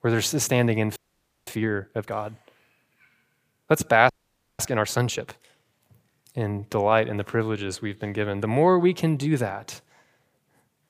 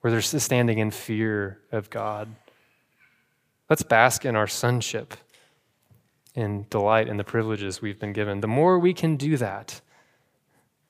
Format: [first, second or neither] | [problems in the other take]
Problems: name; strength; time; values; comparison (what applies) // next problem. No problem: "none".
second | audio freezing; at 1 s for 0.5 s and at 4 s